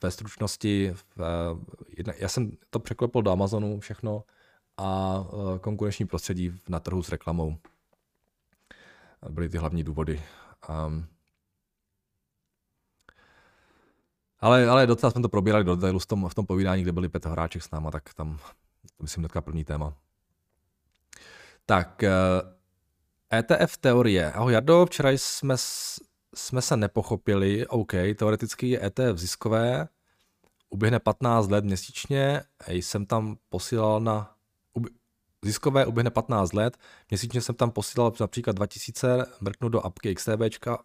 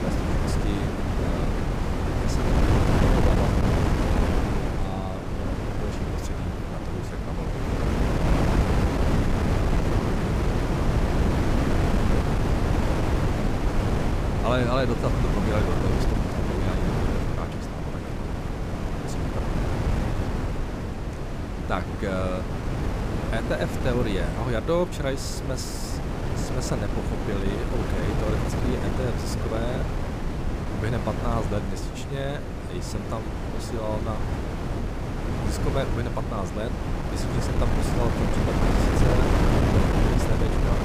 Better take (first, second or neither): first